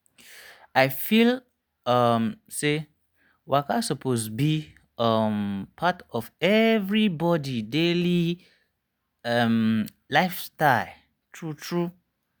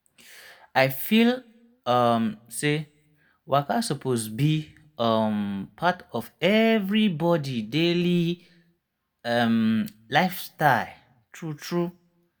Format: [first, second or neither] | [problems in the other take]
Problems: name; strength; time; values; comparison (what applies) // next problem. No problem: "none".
first | room echo; dies away in 0.3 s